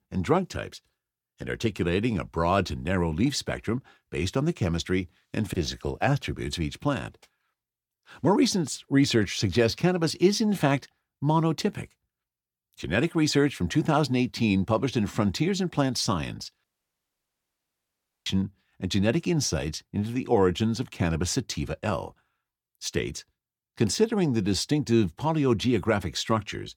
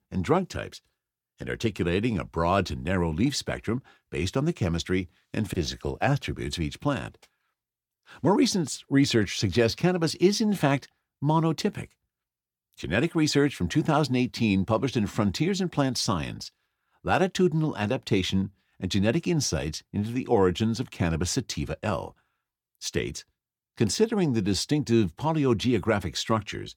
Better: second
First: audio cutting out; at 17 s for 1.5 s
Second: none

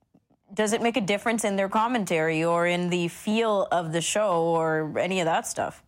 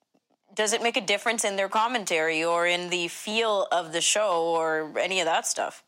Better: first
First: none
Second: thin; somewhat; fading below 350 Hz

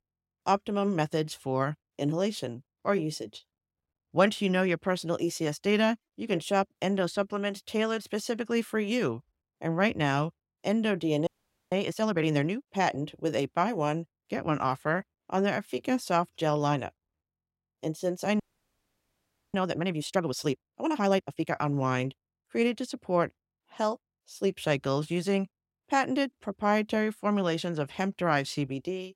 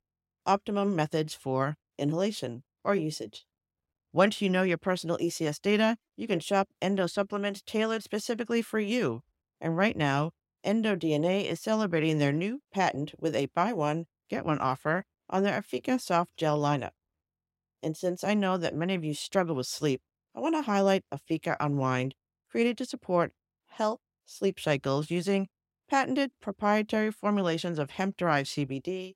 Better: second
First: audio freezing; at 11 s and at 18 s for 1 s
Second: none

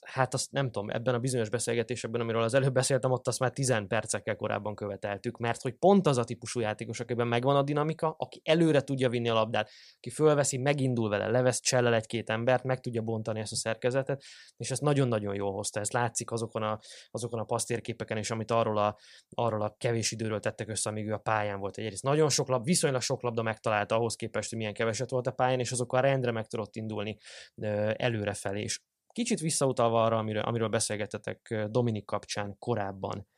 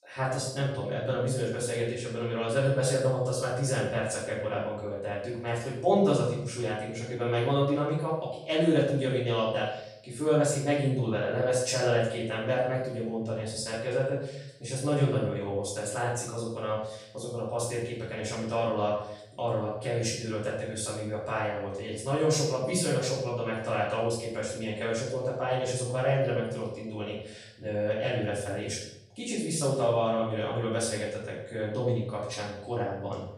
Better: first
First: none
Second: off-mic speech; far // room echo; noticeable; dies away in 0.7 s

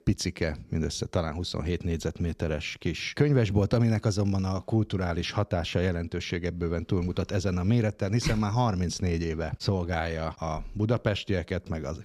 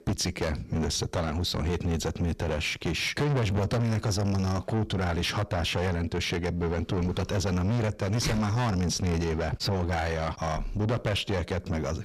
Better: first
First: none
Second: distortion; heavy; 5 dB below the speech

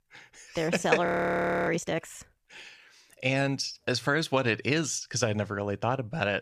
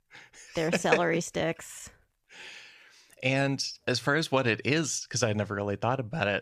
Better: second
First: audio freezing; at 1 s for 0.5 s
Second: none

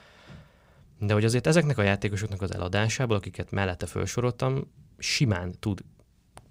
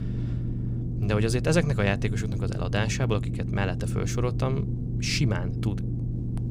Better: first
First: none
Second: low rumble; noticeable; throughout; 10 dB below the speech

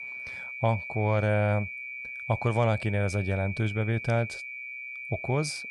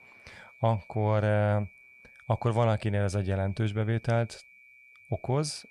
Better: second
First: high-pitched whine; loud; throughout; 2.5 kHz, 8 dB below the speech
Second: high-pitched whine; faint; throughout; 2.5 kHz, 25 dB below the speech

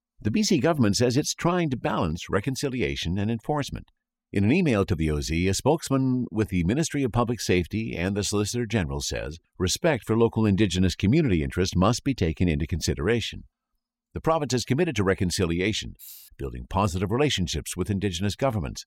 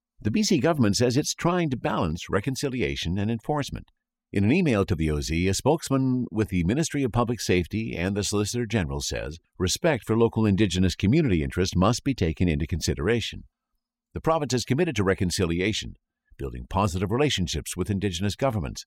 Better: second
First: jangling keys; faint; at 16 s; peak 20 dB below the speech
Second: none

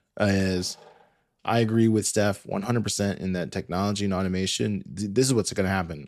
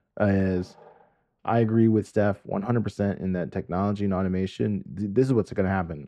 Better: first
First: none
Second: muffled; very; fading above 3 kHz

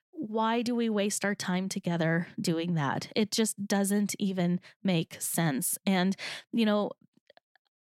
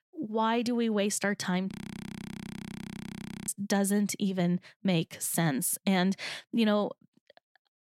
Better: first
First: none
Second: audio freezing; at 1.5 s for 2 s

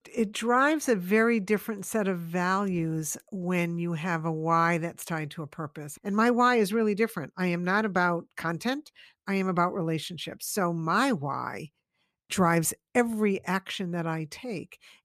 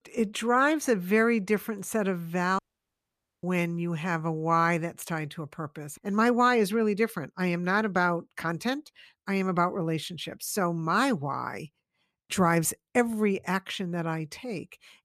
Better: first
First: none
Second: audio cutting out; at 2.5 s for 1 s

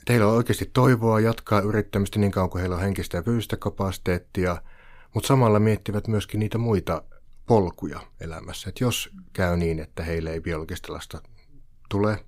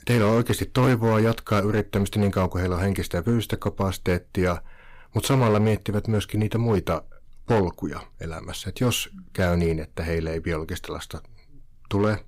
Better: first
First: none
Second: distortion; slight; 6% of the sound clipped

